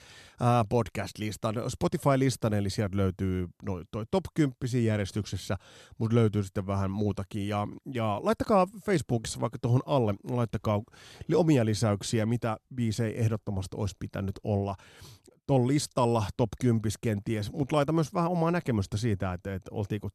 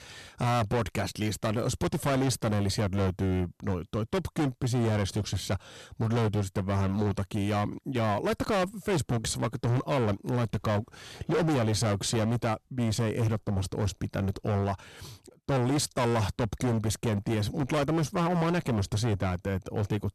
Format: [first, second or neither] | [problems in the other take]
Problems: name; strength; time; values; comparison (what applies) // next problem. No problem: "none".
first | distortion; heavy; 21% of the sound clipped